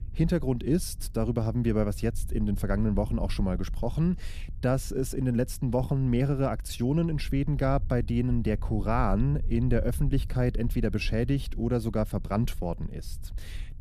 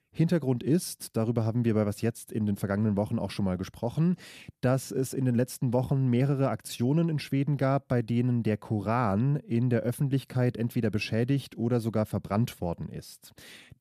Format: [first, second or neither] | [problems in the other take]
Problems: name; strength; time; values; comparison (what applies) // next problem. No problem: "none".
second | low rumble; faint; throughout; 25 dB below the speech